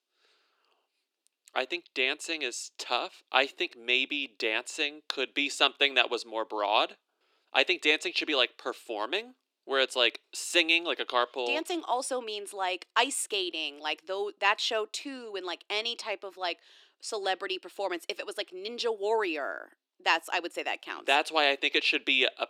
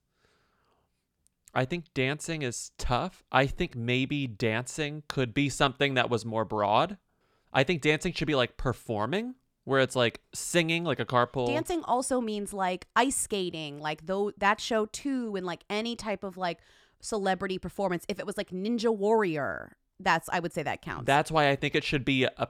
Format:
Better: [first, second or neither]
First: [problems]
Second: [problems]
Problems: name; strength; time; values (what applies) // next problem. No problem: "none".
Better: second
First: thin; somewhat; fading below 300 Hz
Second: none